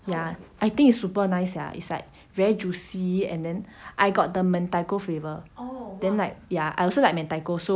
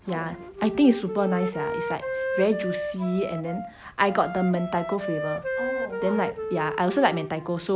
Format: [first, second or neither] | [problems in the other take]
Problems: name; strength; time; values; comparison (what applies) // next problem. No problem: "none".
first | background sound (Wind instrument, woodwind instrument); 6 dB below the speech